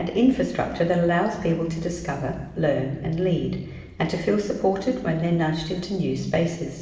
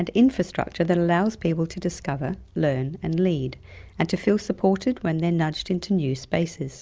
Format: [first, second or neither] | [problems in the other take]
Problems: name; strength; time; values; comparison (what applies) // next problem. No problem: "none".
second | room echo; dies away in 1.2 s